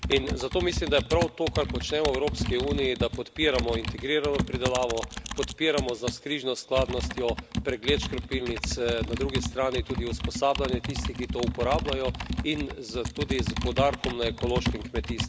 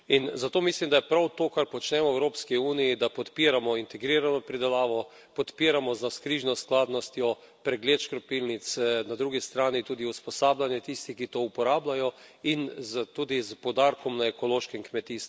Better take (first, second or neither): second